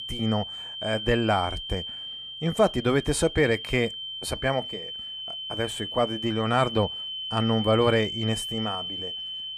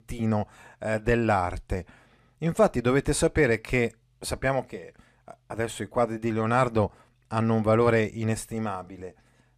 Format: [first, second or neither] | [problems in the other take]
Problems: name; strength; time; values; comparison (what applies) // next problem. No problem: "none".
second | high-pitched whine; loud; throughout; 3 kHz, 6 dB below the speech